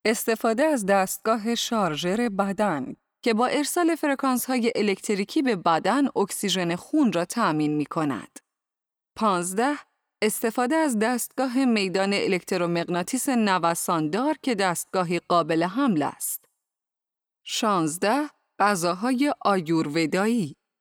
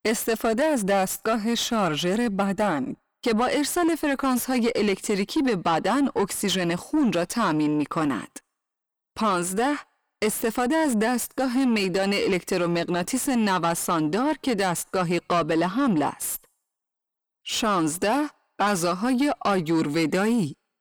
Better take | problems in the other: first | distortion; slight; 10 dB below the speech

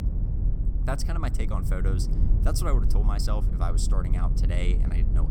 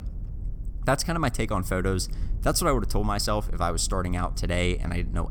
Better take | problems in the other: second | low rumble; loud; throughout; 7 dB below the speech; faint in the second

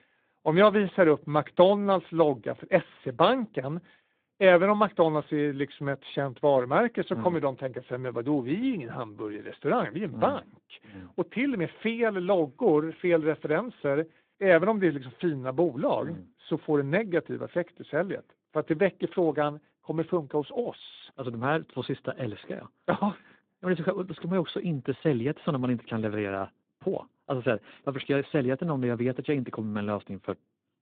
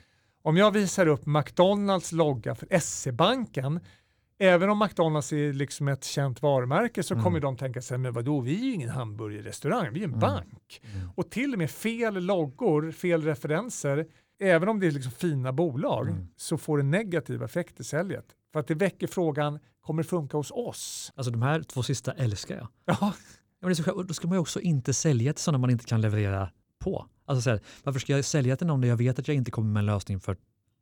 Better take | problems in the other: second | phone-call audio; nothing above 3.5 kHz

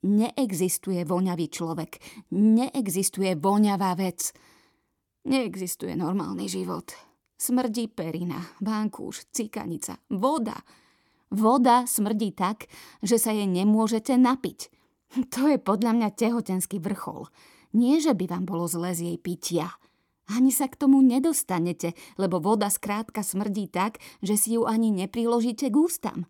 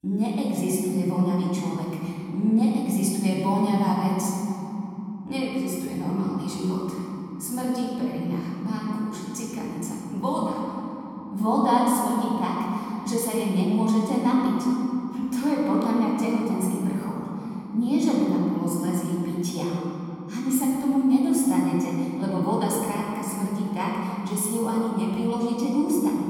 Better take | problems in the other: first | off-mic speech; far // room echo; noticeable; dies away in 3 s

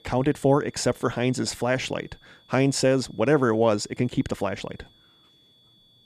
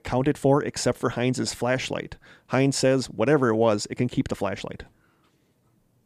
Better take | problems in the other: second | high-pitched whine; faint; throughout; 3.5 kHz, 30 dB below the speech

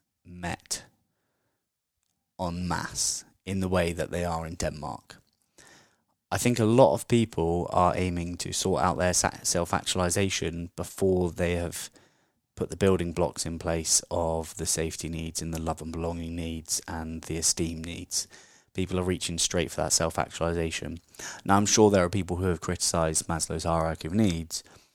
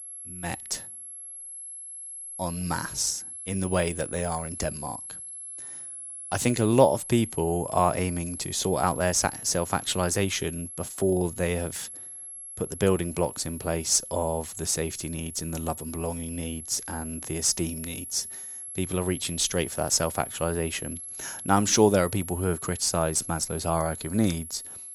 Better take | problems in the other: first | high-pitched whine; loud; throughout; 11 kHz, 10 dB below the speech

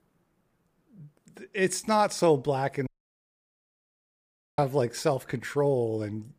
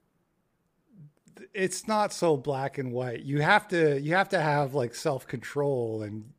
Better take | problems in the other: second | audio cutting out; at 3 s for 1.5 s

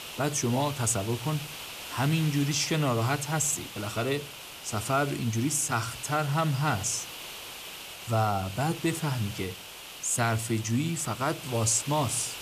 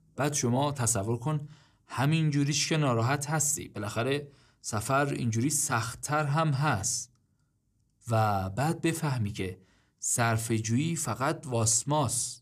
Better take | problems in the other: second | hiss; noticeable; throughout; 10 dB below the speech

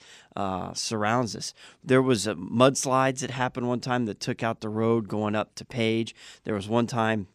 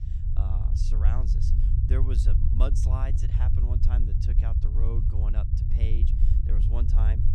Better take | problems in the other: first | low rumble; loud; throughout; as loud as the speech

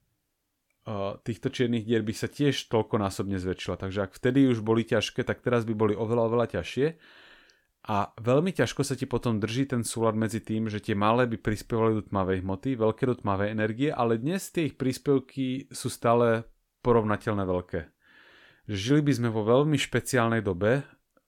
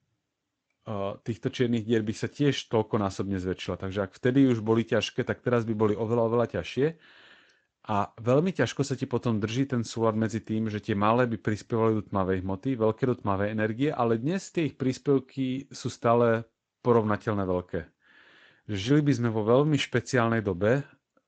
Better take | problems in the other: first | garbled, watery; slightly; nothing above 7.5 kHz

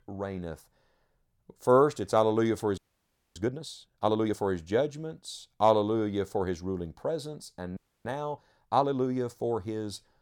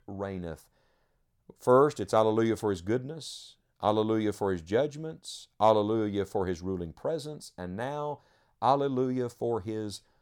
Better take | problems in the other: second | audio freezing; at 3 s for 0.5 s and at 8 s

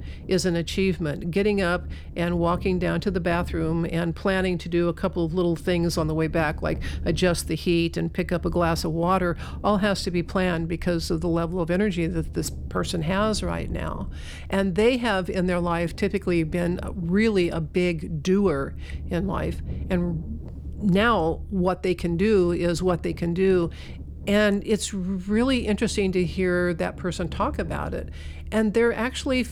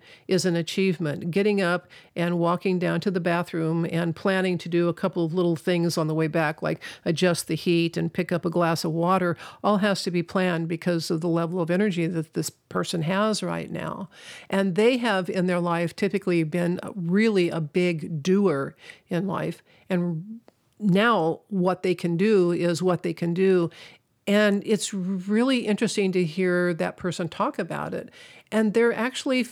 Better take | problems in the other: second | low rumble; faint; throughout; 25 dB below the speech

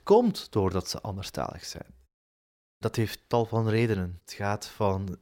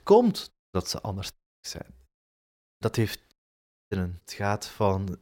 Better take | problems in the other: first | audio cutting out; at 0.5 s, at 1.5 s and at 3.5 s for 0.5 s

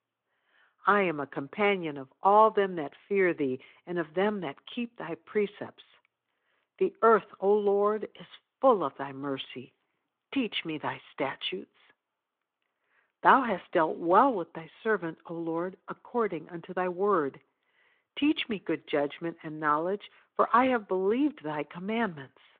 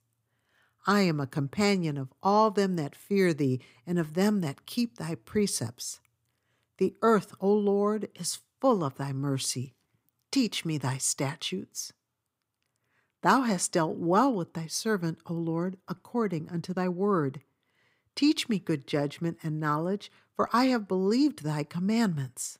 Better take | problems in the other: second | phone-call audio; nothing above 3.5 kHz

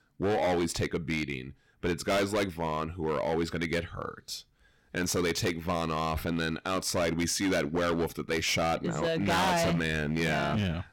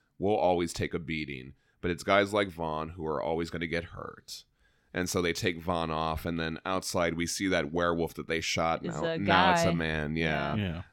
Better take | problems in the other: second | distortion; heavy; 13% of the sound clipped

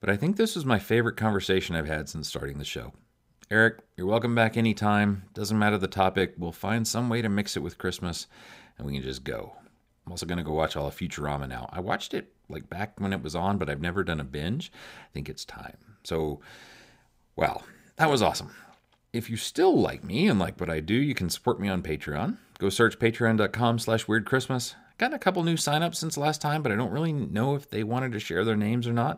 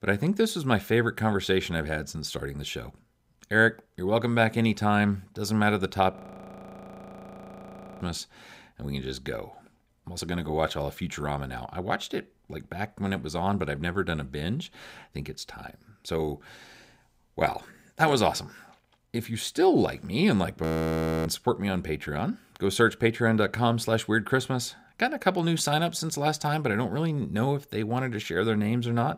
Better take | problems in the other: first | audio freezing; at 6 s for 2 s and at 21 s for 0.5 s

